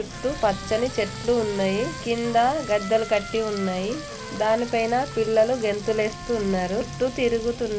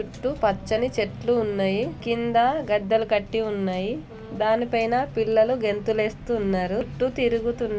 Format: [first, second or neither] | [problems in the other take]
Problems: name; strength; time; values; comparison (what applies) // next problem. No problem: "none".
second | background sound (Water tap, faucet + Trumpet); 14 dB below the speech